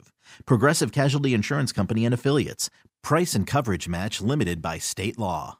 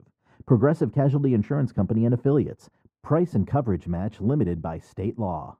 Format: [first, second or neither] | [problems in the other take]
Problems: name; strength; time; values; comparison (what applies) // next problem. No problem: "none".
first | muffled; very; fading above 1.5 kHz